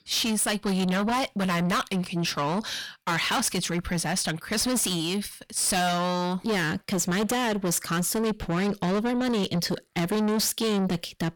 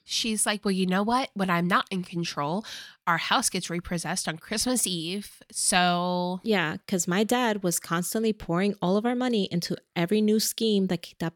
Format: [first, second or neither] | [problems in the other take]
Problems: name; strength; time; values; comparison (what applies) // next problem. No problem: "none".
second | distortion; heavy; 6 dB below the speech